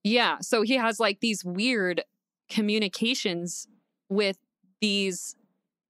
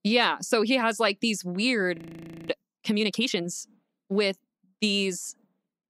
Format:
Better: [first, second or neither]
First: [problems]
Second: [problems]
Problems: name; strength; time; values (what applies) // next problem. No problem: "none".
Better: first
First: none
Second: audio freezing; at 2 s for 0.5 s